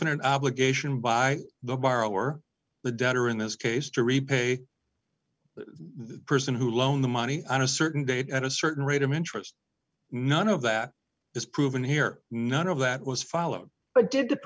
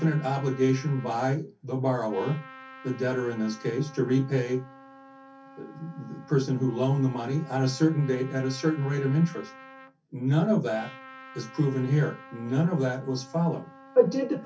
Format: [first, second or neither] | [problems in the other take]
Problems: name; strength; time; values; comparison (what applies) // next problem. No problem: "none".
first | background sound (Trumpet); 20 dB below the speech // room echo; dies away in 0.3 s